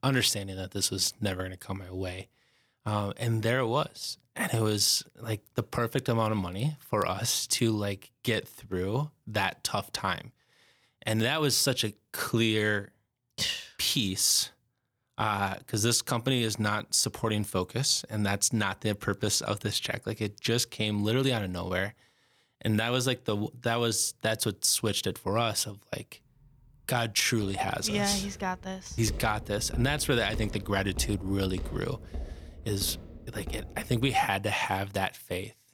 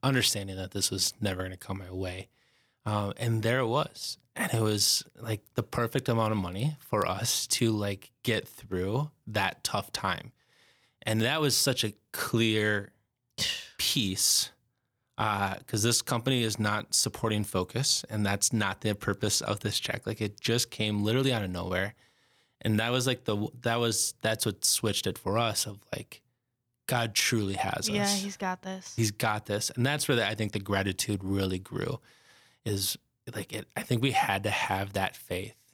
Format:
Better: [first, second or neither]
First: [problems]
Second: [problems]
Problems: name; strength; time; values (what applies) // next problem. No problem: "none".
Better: second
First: footsteps; noticeable; from 27 to 34 s; peak 10 dB below the speech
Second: none